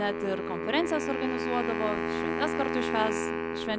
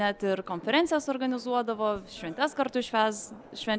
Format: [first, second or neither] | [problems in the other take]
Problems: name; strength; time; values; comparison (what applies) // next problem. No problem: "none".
second | background sound (Wind instrument, woodwind instrument); 1 dB above the speech